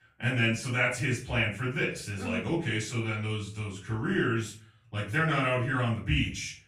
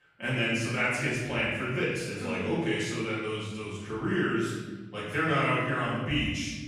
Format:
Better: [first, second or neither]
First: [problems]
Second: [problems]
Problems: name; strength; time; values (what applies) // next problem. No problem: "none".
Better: first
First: room echo; slight; dies away in 0.4 s // off-mic speech; far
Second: room echo; strong; dies away in 1.3 s // off-mic speech; far